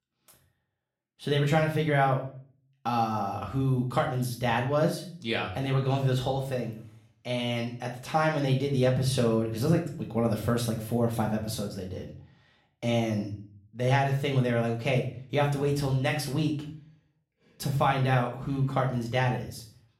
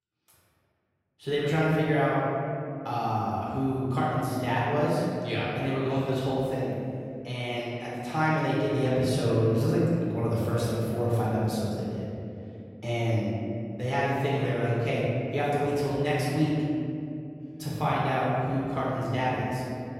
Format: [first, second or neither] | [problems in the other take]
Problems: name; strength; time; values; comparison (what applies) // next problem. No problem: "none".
first | room echo; strong; dies away in 2.8 s; slight in the first // off-mic speech; far; somewhat distant in the first